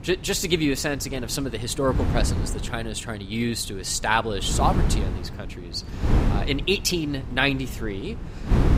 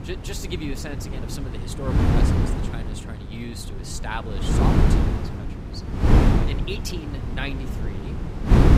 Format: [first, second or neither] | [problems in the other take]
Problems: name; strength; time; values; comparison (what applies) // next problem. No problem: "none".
first | wind noise on the microphone; heavy; 4 dB above the speech; occasional gusts in the first